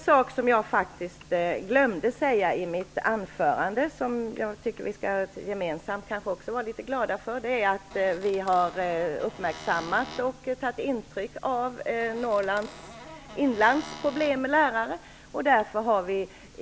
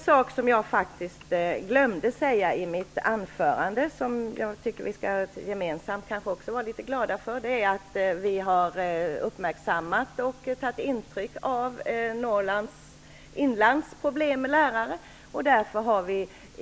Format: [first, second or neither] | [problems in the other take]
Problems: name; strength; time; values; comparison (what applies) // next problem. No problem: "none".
second | background sound (Squeak / Cupboard open or close); 16 dB below the speech